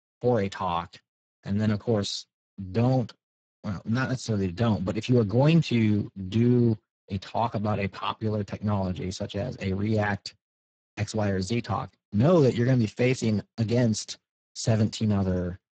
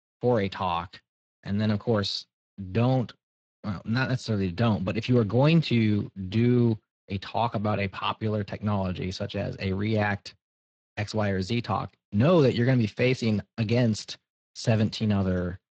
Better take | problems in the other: second | garbled, watery; badly; nothing above 8 kHz; slightly in the second

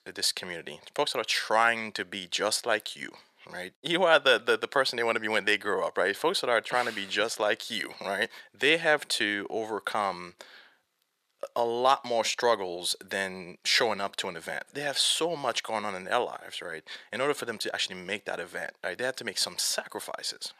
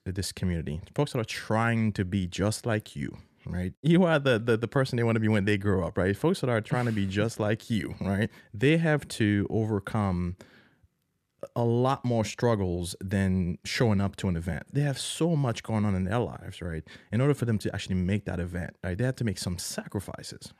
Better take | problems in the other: second | thin; very; fading below 700 Hz

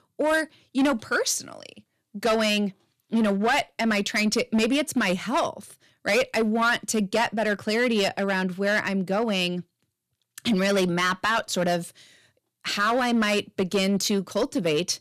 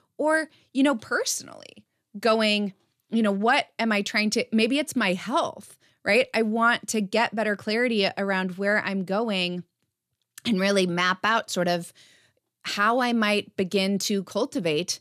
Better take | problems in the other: second | distortion; slight; 7% of the sound clipped

